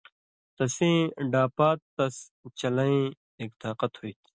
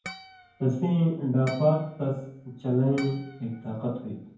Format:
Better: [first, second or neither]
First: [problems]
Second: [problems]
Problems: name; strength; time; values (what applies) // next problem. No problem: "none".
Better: first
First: none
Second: background sound (Harp); 19 dB below the speech // room echo; dies away in 0.9 s